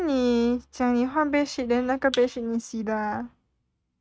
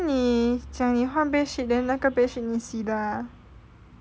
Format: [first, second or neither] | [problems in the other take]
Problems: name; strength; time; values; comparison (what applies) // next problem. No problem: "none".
second | noise reduction (neural mask model RNNoise)